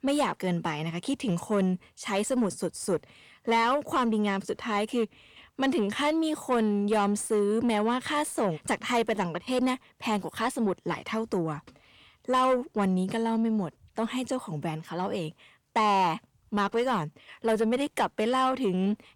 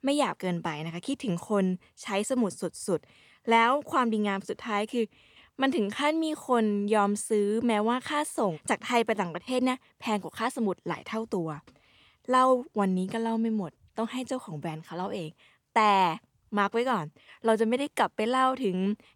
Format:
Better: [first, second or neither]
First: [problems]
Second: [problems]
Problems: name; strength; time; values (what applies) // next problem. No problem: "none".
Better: second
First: distortion; slight; 10 dB below the speech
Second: none